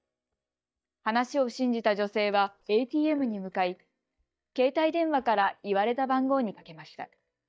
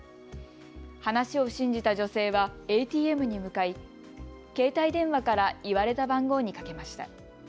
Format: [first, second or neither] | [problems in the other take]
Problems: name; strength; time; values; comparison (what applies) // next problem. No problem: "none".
second | noise reduction (neural mask model DeepFilterNet 3)